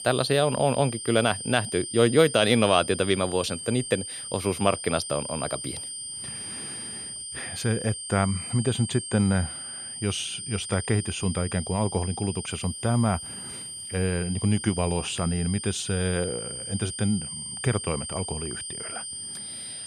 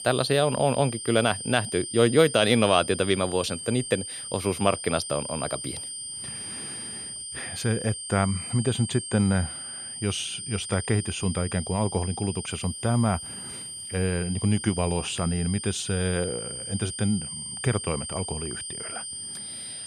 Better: neither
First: high-pitched whine; loud; throughout; 9 kHz, 7 dB below the speech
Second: high-pitched whine; loud; throughout; 9 kHz, 7 dB below the speech

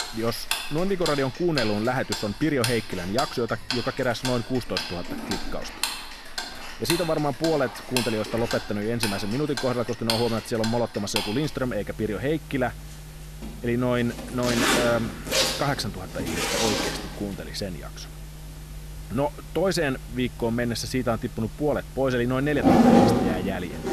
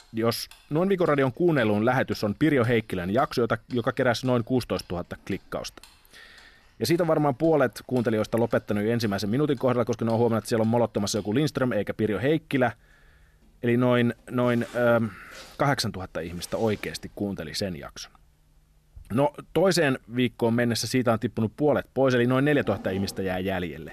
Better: second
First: household noises; loud; throughout; as loud as the speech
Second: household noises; faint; throughout; 25 dB below the speech

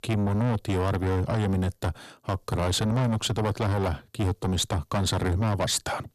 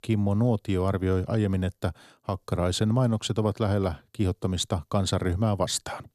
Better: second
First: distortion; heavy; 6 dB below the speech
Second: none

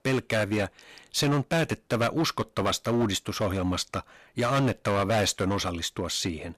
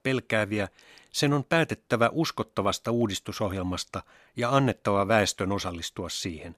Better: second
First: distortion; heavy; 10% of the sound clipped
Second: none

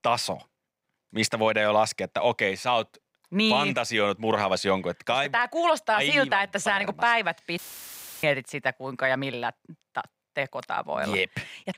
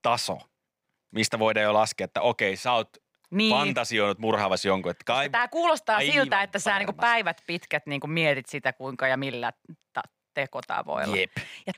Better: second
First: audio cutting out; filled with static; at 7.5 s for 0.5 s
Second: none

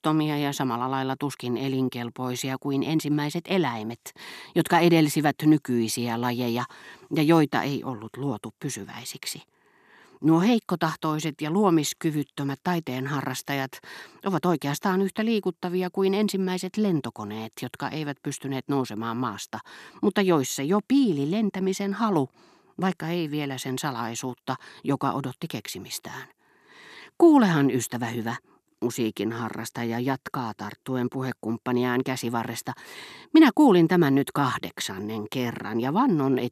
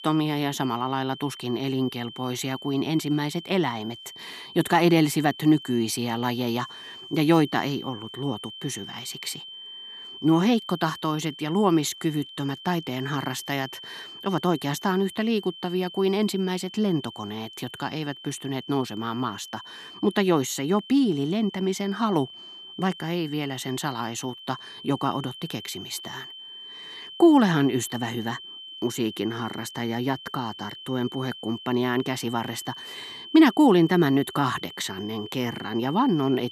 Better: first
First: none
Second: high-pitched whine; noticeable; throughout; 3 kHz, 15 dB below the speech

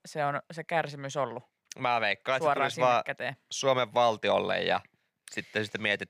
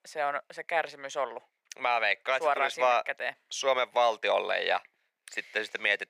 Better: first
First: none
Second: thin; very; fading below 500 Hz

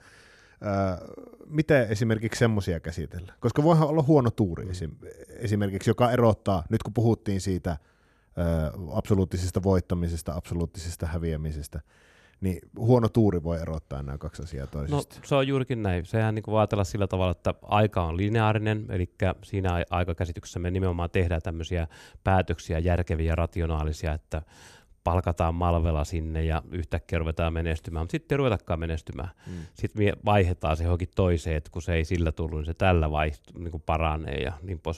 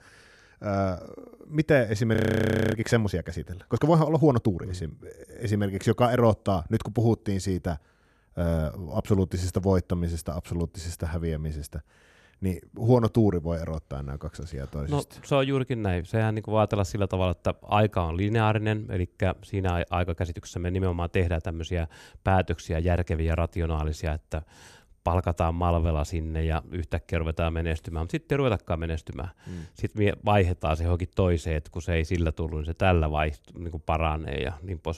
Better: first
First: none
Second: audio freezing; at 2 s for 0.5 s

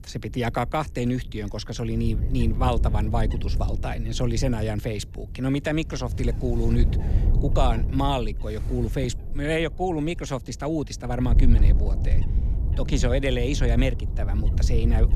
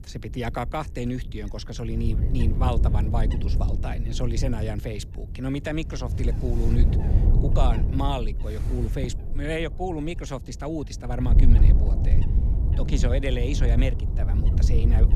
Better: first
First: wind noise on the microphone; occasional gusts; 10 dB below the speech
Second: wind noise on the microphone; heavy; 6 dB below the speech

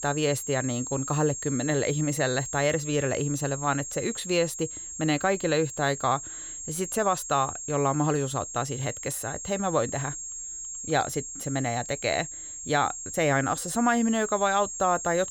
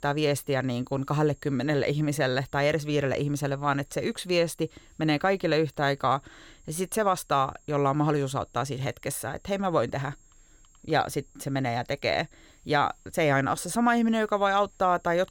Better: second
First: high-pitched whine; loud; throughout; 7.5 kHz, 7 dB below the speech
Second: high-pitched whine; faint; throughout; 7.5 kHz, 30 dB below the speech

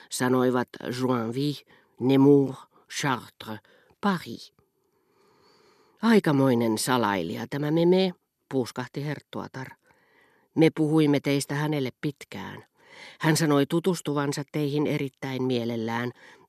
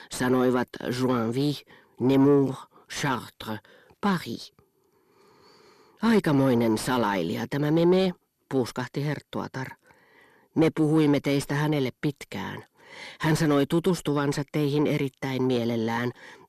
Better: first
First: none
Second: distortion; slight; 10 dB below the speech

